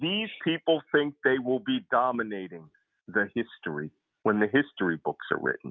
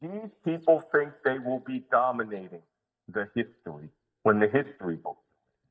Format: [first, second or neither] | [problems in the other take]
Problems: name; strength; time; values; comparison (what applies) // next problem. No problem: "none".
first | noise reduction (neural mask model DeepFilterNet 3)